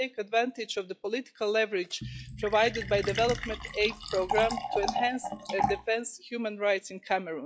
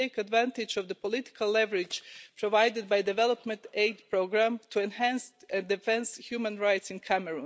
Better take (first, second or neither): second